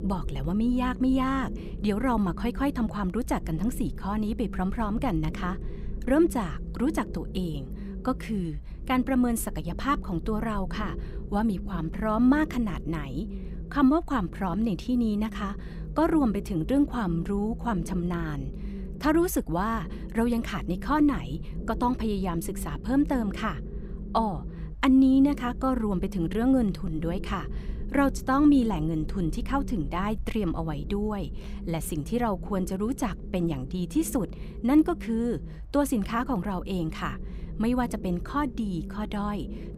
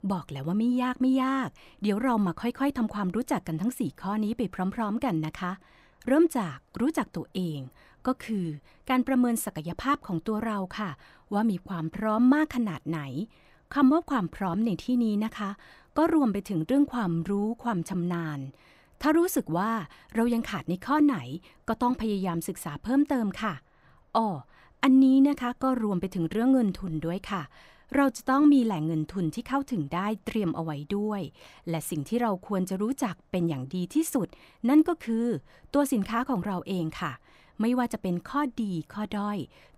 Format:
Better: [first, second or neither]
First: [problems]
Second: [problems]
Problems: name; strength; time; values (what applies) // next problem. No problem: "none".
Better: second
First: low rumble; noticeable; throughout; 15 dB below the speech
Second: none